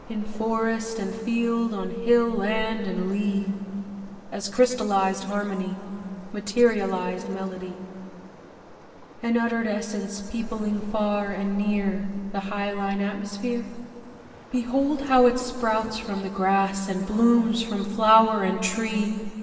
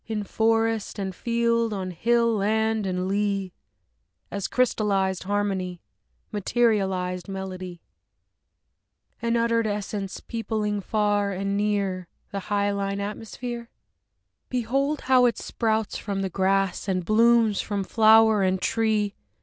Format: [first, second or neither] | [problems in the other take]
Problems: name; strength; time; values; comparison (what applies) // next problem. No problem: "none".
second | background sound (Waves, surf); 14 dB below the speech // room echo; dies away in 2.3 s